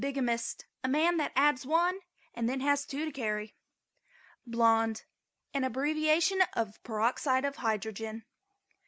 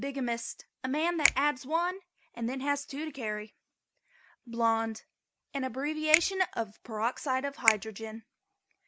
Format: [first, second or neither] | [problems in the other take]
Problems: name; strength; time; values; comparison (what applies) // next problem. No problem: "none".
first | noise reduction (neural mask model Resemble Enhance denoiser)